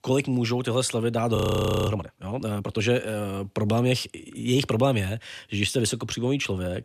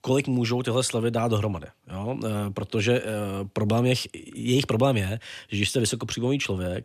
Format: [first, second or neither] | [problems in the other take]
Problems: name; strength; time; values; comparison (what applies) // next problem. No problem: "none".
second | audio freezing; at 1.5 s for 0.5 s